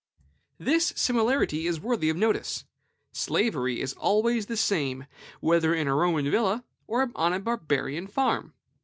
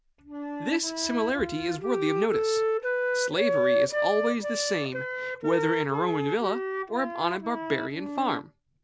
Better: first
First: none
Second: background sound (Wind instrument, woodwind instrument); as loud as the speech

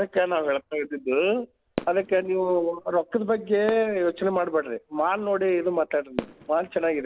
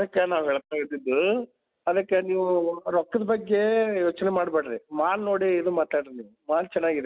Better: second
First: background sound (Fireworks); 17 dB below the speech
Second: none

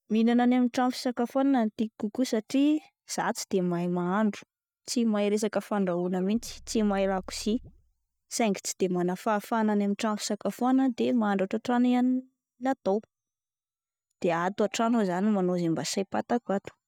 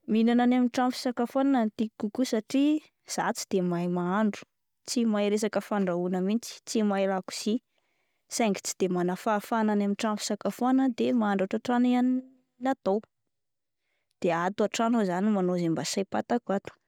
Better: second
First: noise reduction (neural mask model DeepFilterNet 3)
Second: none

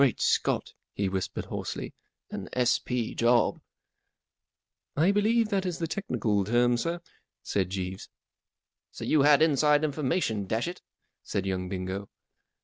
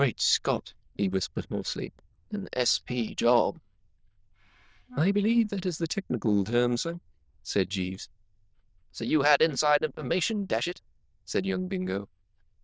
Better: first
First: none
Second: noise reduction (neural diffusion model UNIVERSE++)

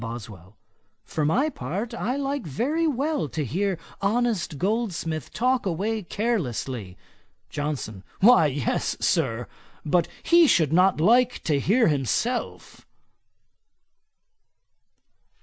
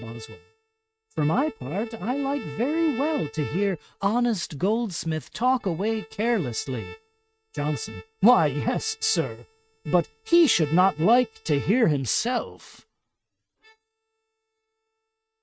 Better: first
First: none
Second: noise reduction (neural mask model RNNoise)

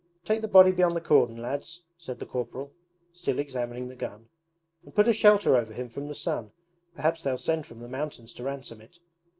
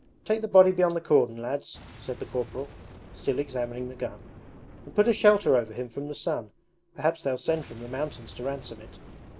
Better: first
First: none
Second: background sound (Boom); 20 dB below the speech

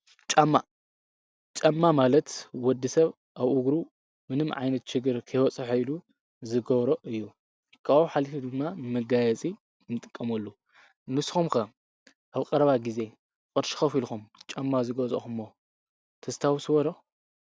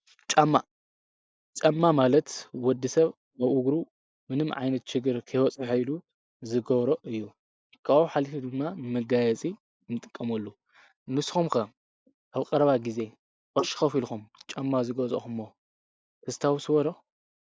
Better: first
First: none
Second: noise reduction (neural mask model Resemble Enhance denoiser)

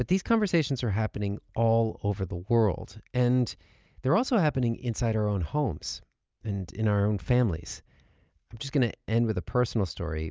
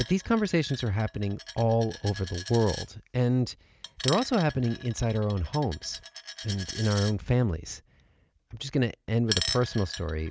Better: first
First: none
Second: background sound (Coin (dropping)); 12 dB below the speech

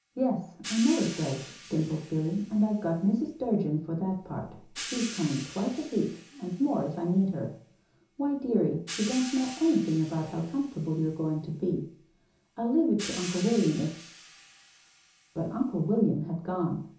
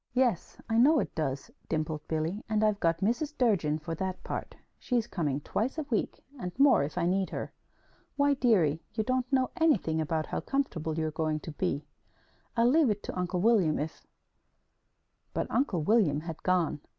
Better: second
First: background sound (Hi-hat); 16 dB below the speech // room echo; dies away in 0.6 s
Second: none

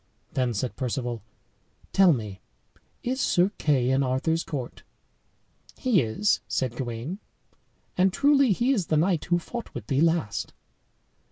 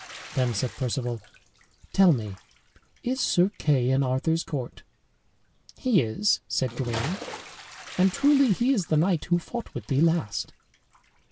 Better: first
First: none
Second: background sound (Bathtub (filling or washing) / Splash, splatter); 18 dB below the speech

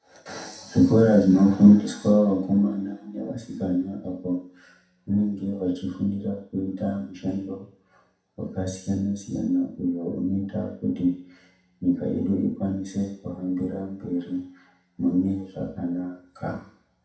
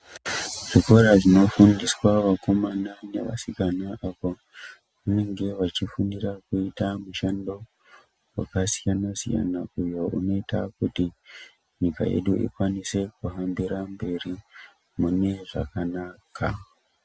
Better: second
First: room echo; dies away in 0.7 s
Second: none

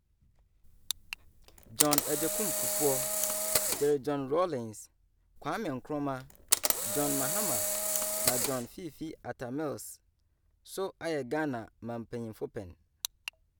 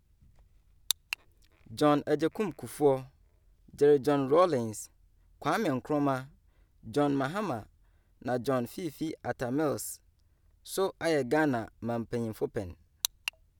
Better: second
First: background sound (Camera); 3 dB above the speech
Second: none

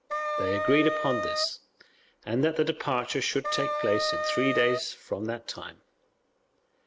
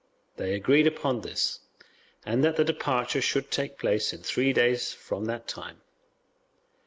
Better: second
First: background sound (Wind instrument, woodwind instrument); as loud as the speech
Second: none

